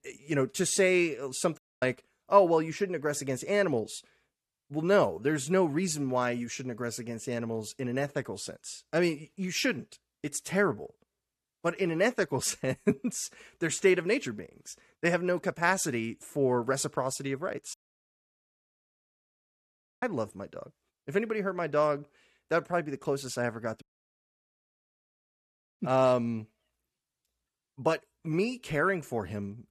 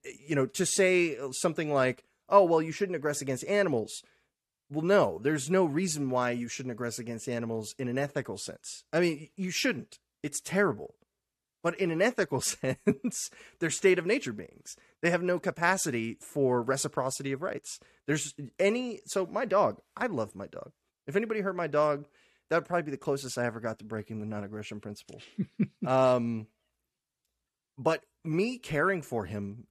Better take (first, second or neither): second